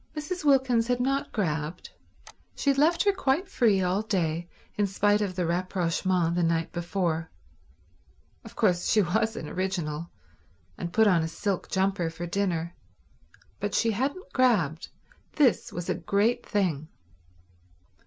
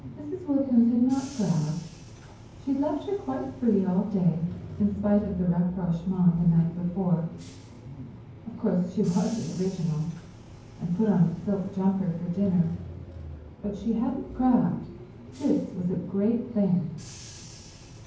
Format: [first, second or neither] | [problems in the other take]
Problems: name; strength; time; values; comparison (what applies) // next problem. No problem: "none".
first | background sound (Bus / Engine); 16 dB below the speech // room echo; dies away in 0.9 s